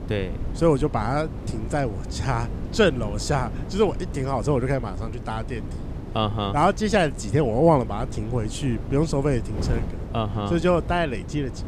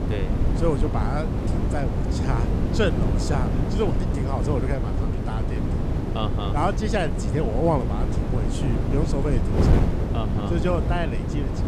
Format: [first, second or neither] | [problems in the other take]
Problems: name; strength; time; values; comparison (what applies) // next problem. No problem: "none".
first | wind noise on the microphone; heavy; 3 dB below the speech; occasional gusts in the first